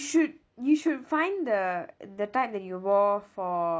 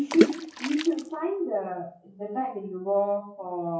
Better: first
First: none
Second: noise reduction (classical method WPE with log-MMSE)

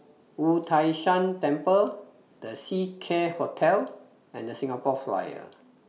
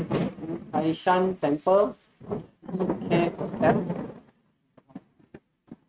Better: first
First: none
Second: noise reduction (neural mask model RNNoise)

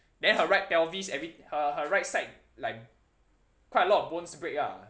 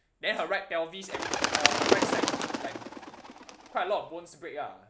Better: first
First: none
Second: background sound (Bird); 4 dB above the speech

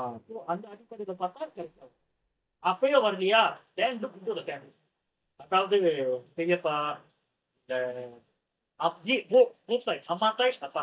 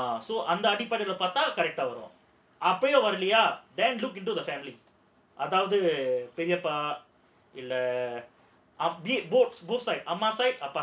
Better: second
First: noise reduction (neural mask model DeepFilterNet 3)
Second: none

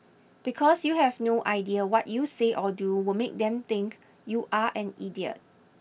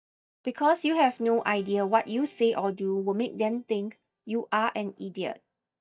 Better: first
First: none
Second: noise reduction (neural mask model DeepFilterNet 3)

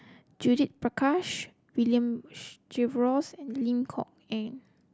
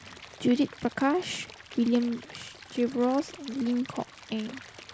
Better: first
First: none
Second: background sound (Stream / Liquid); 18 dB below the speech

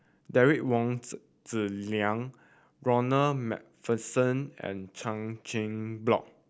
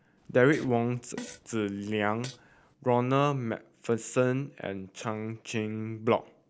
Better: first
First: none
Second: background sound (Fart); 18 dB below the speech

